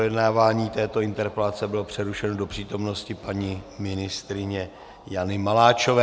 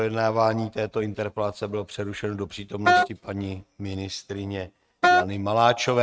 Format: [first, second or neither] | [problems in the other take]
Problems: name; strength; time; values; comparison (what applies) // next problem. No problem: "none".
first | noise reduction (neural mask model RNNoise)